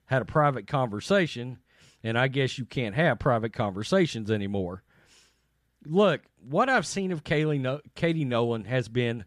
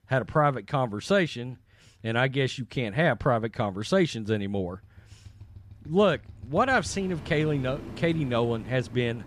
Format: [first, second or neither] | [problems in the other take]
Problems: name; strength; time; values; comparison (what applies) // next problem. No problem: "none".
first | traffic noise; noticeable; throughout; 15 dB below the speech